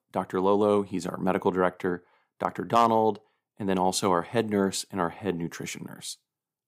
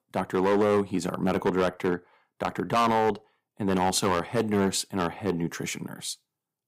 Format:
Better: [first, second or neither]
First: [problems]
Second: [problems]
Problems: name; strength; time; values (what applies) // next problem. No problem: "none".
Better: first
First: none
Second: distortion; heavy; 6% of the sound clipped